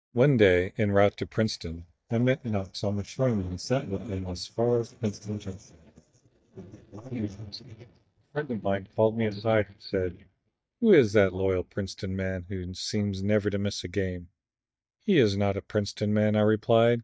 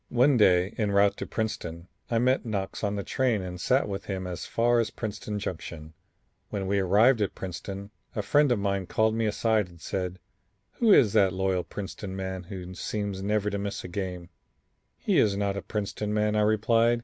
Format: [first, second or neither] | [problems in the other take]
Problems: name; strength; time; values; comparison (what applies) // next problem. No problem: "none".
second | noise reduction (neural mask model DeepFilterNet 3)